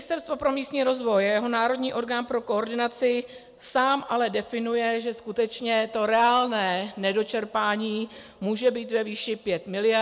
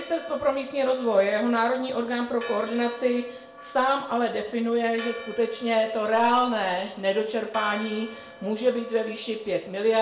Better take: first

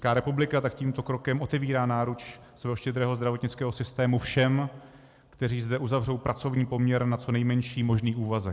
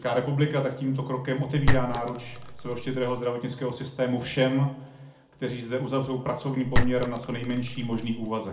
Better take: first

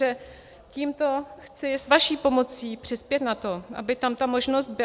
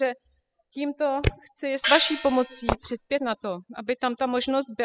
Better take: first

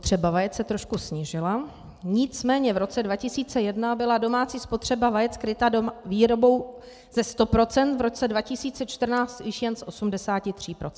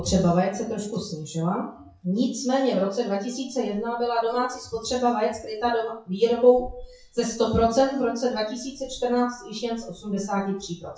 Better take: first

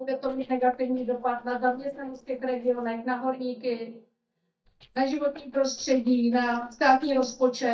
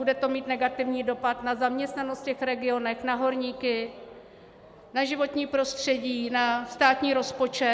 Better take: second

